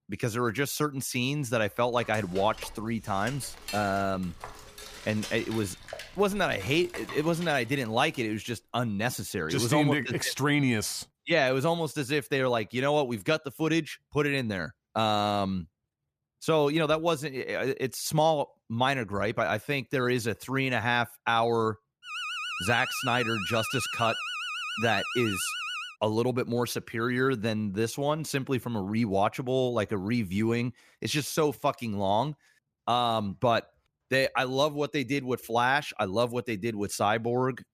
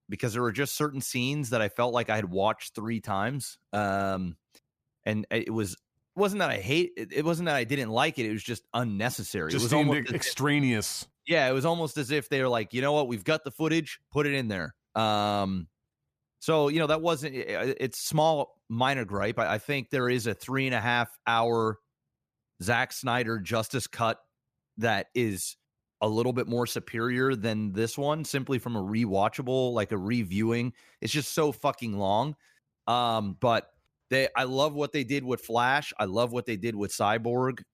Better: second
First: clattering dishes; faint; from 2 to 8 s; peak 10 dB below the speech // alarm; noticeable; from 22 to 26 s; peak 3 dB below the speech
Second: none

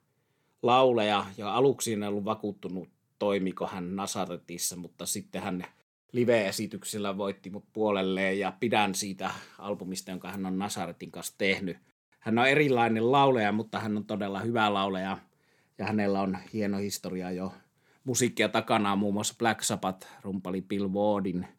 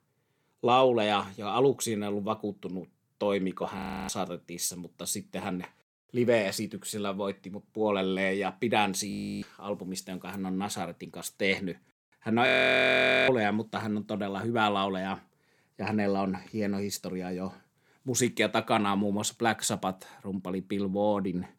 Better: first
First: none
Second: audio freezing; at 4 s, at 9 s and at 12 s for 1 s

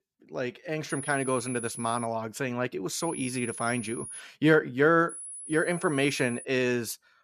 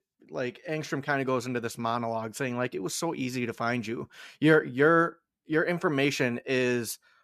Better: second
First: high-pitched whine; noticeable; from 1 to 2 s, from 3 to 4 s and from 5 to 6.5 s; 10.5 kHz, 10 dB below the speech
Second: none

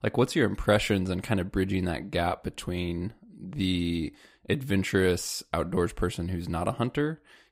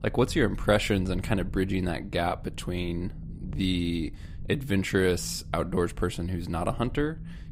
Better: first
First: none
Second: low rumble; faint; throughout; 25 dB below the speech

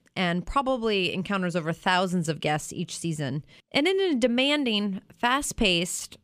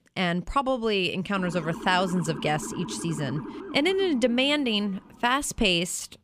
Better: first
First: none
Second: siren; faint; from 1.5 to 5.5 s; peak 10 dB below the speech

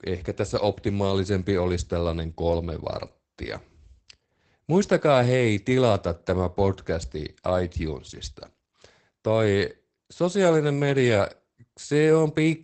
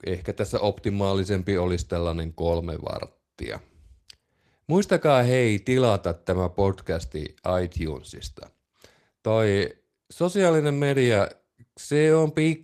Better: second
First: garbled, watery; badly; nothing above 8 kHz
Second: garbled, watery; slightly; nothing above 14.5 kHz

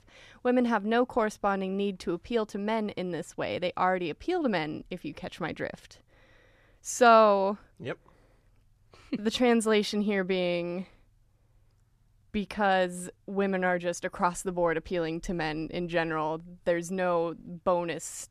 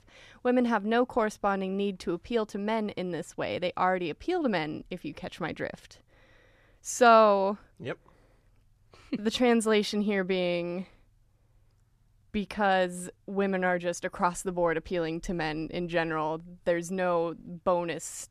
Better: neither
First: none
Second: none

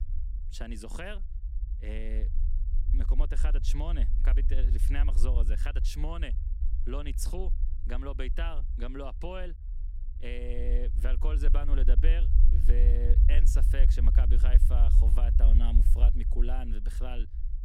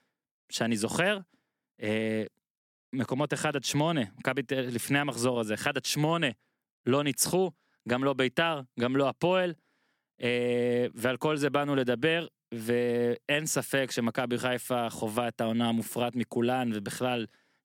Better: second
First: low rumble; loud; throughout; 8 dB below the speech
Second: none

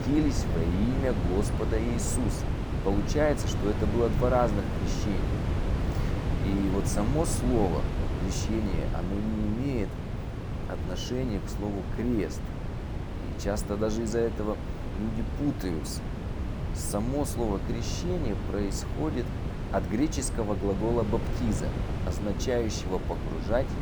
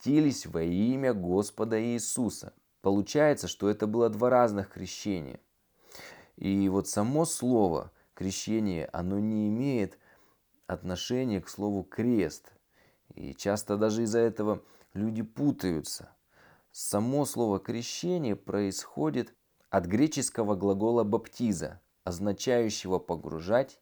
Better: second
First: wind noise on the microphone; heavy; 6 dB below the speech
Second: none

